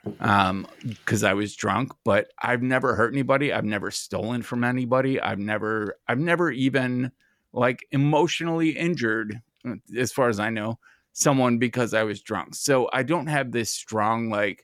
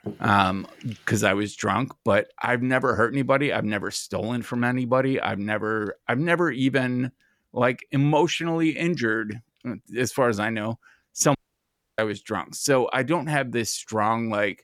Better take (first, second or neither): first